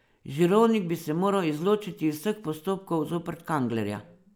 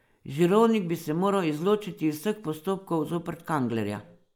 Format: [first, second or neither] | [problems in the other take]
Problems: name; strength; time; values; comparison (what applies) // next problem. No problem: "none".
first | noise reduction (neural mask model Resemble Enhance denoiser)